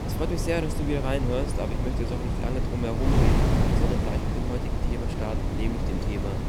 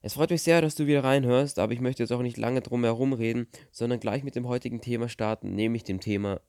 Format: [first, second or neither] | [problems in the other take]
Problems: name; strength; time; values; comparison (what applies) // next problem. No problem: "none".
second | wind noise on the microphone; heavy; as loud as the speech